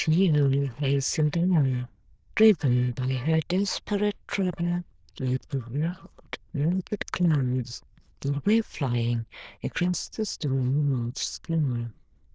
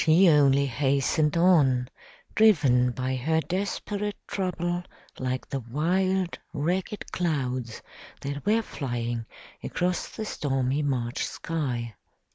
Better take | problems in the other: second | noise reduction (neural diffusion model UNIVERSE++)

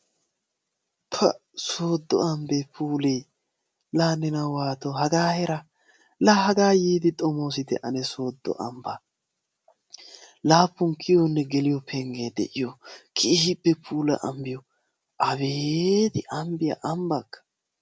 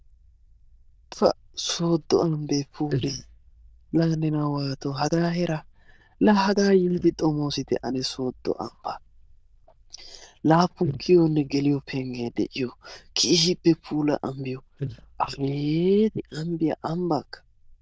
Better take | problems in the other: first | noise reduction (neural diffusion model UNIVERSE++)

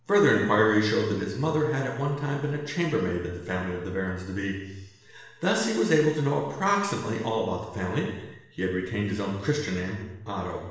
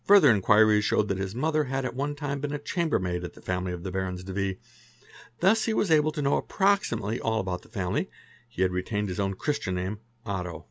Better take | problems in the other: second | room echo; dies away in 0.9 s

